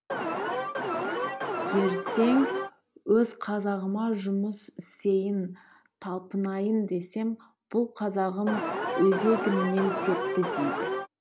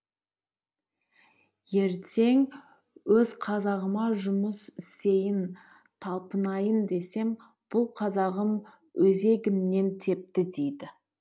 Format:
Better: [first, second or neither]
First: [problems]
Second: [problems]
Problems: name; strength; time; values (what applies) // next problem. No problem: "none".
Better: second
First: background sound (Alarm); 2 dB below the speech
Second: none